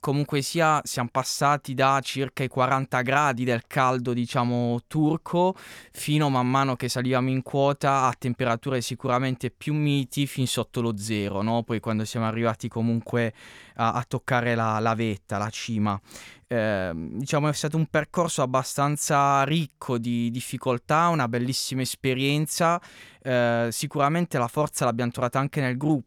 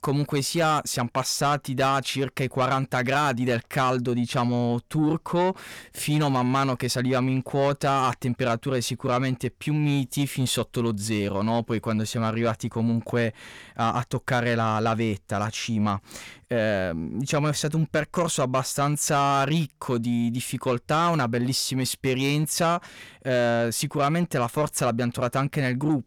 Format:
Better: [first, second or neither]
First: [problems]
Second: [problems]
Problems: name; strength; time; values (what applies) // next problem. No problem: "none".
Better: first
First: none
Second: distortion; slight; 10 dB below the speech